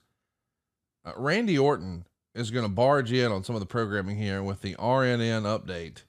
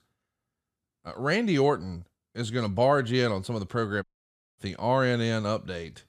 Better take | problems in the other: first | audio cutting out; at 4 s for 0.5 s

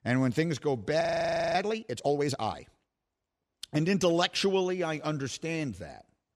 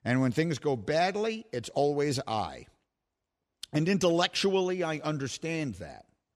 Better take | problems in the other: second | audio freezing; at 1 s for 0.5 s

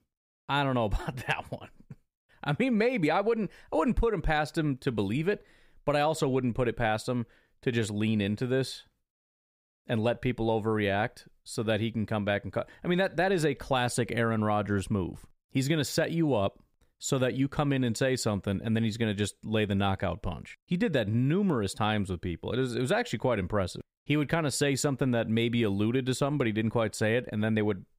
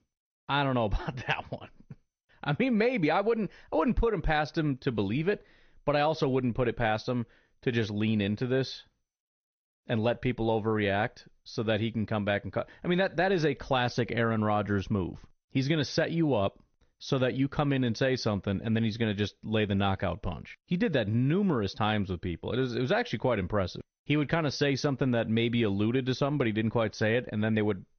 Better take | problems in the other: first | garbled, watery; slightly; nothing above 6 kHz

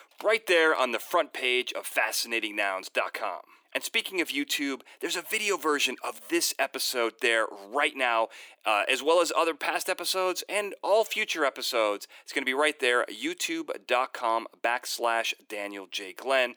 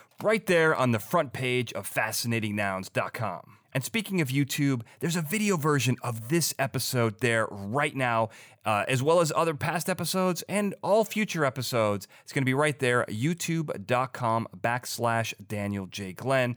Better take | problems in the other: second | thin; somewhat; fading below 300 Hz

